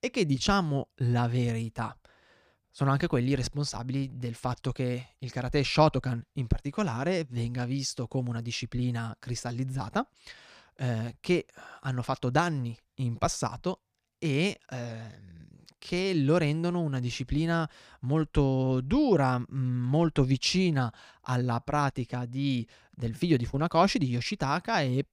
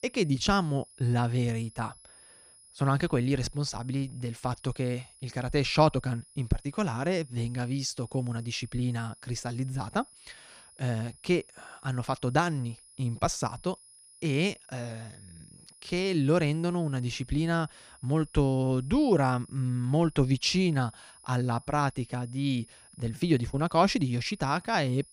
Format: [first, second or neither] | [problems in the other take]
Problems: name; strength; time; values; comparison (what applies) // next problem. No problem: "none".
first | high-pitched whine; faint; throughout; 10.5 kHz, 25 dB below the speech